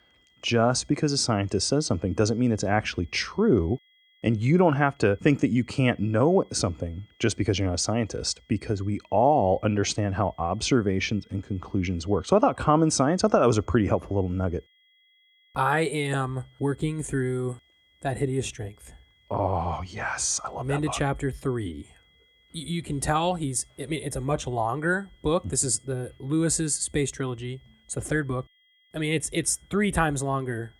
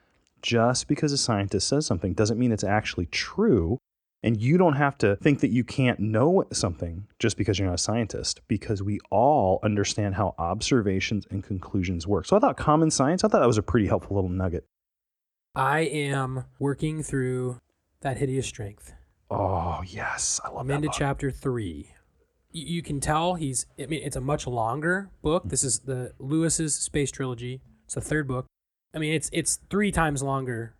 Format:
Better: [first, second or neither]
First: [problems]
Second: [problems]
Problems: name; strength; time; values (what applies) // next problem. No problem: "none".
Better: second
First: high-pitched whine; faint; throughout; 3.5 kHz, 35 dB below the speech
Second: none